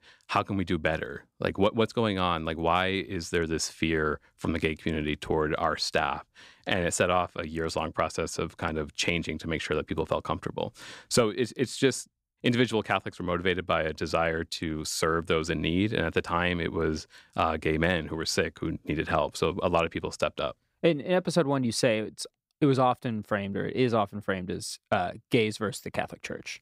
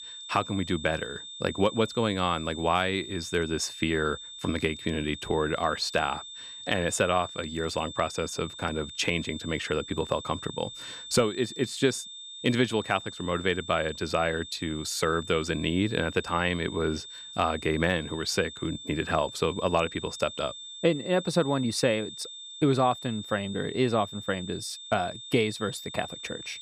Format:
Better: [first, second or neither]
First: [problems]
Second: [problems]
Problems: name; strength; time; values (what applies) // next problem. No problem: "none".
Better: first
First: none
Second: high-pitched whine; noticeable; throughout; 3.5 kHz, 10 dB below the speech